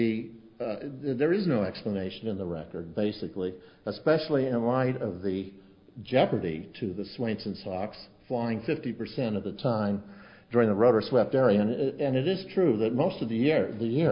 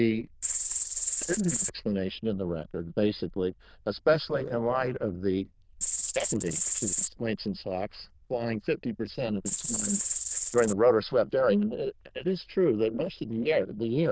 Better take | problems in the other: first | noise reduction (neural diffusion model UNIVERSE++)

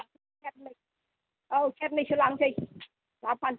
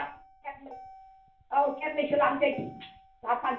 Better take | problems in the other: first | background sound (Motor vehicle (road)); 19 dB below the speech // room echo; dies away in 0.4 s

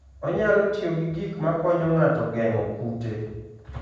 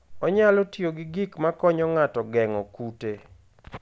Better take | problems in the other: second | room echo; dies away in 1.1 s

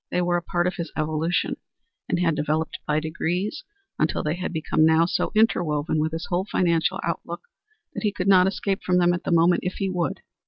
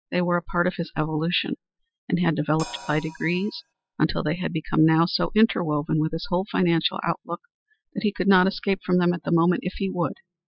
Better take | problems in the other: first | noise reduction (classical method spectral subtraction)

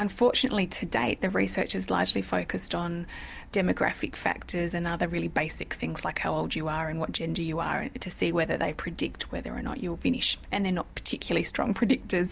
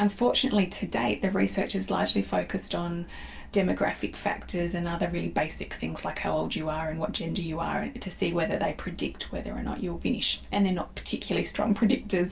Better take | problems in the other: first | room echo; dies away in 0.2 s

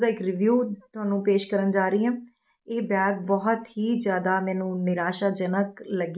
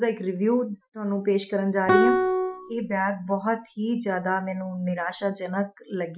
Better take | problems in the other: first | noise reduction (classical method Wiener filter)

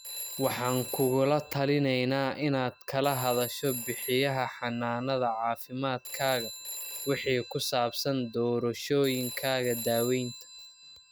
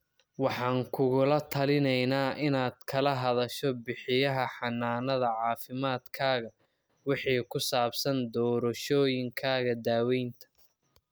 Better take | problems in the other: second | background sound (Telephone); 12 dB below the speech

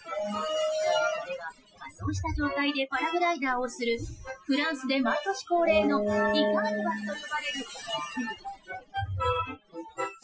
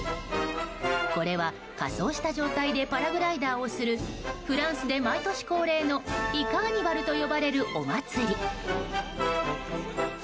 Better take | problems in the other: second | noise reduction (classical method Wiener filter)

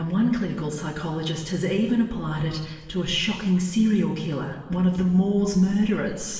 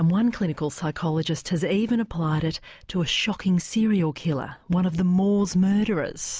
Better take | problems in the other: second | room echo; dies away in 1 s

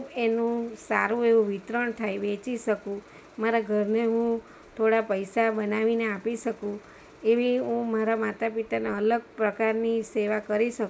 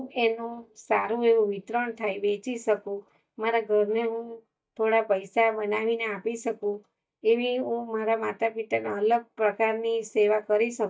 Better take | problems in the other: first | noise reduction (neural mask model DeepFilterNet 3)

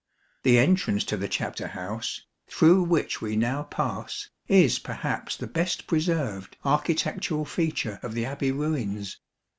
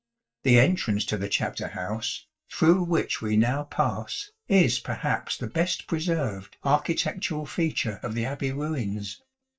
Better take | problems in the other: first | noise reduction (neural mask model DeepFilterNet 3)

